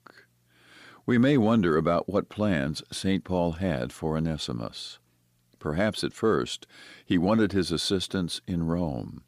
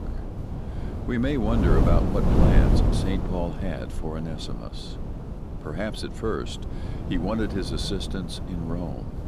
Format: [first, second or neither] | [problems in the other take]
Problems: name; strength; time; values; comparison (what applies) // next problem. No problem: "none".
first | wind noise on the microphone; heavy; 3 dB below the speech